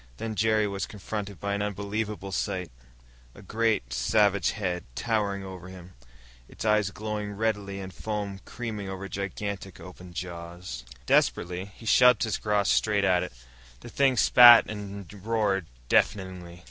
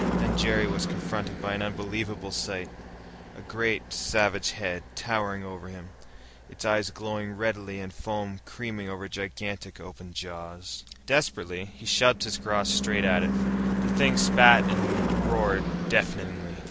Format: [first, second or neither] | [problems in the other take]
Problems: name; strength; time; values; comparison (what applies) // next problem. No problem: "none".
first | background sound (Car passing by / Engine / Truck); 3 dB below the speech